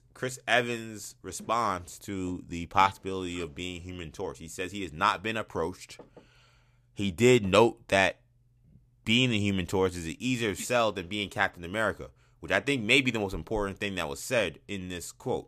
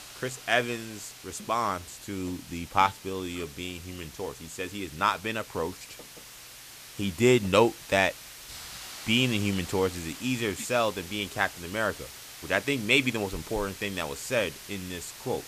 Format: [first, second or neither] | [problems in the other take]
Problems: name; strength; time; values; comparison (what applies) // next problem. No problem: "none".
first | hiss; noticeable; throughout; 15 dB below the speech